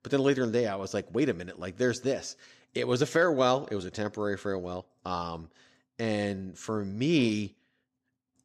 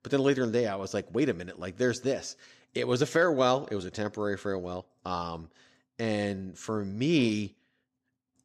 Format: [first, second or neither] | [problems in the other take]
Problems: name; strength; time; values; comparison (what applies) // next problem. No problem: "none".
neither | none